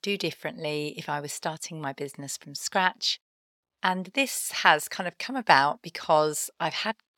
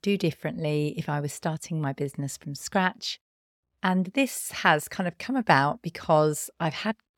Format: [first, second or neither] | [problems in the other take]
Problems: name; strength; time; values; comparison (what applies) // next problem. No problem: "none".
second | thin; somewhat; fading below 550 Hz